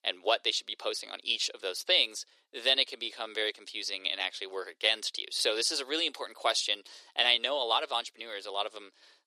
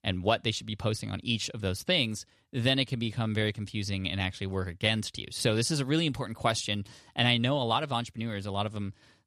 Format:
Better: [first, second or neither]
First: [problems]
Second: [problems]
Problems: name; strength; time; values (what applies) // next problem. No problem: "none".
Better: second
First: thin; very; fading below 350 Hz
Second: none